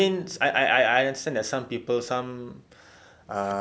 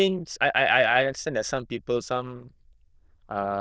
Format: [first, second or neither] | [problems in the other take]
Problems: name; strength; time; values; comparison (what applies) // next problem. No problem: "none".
first | noise reduction (neural diffusion model UNIVERSE++)